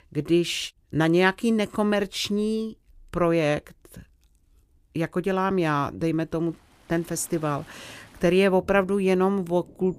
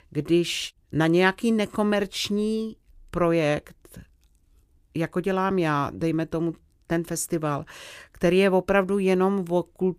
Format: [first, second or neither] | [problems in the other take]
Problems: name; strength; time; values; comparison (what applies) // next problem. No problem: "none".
second | rain or running water; faint; from 7 s on; 25 dB below the speech